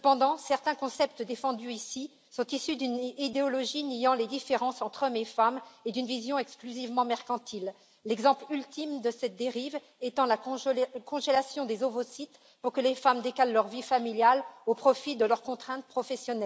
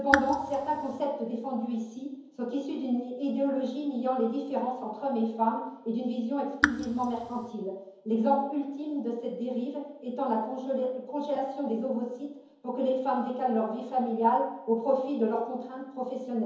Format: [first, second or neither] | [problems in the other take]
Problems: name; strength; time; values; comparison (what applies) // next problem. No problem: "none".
first | background sound (Raindrop / Drip); 1 dB below the speech // room echo; dies away in 0.9 s